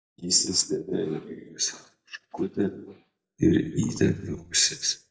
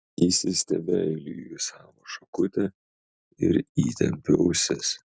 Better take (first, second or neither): second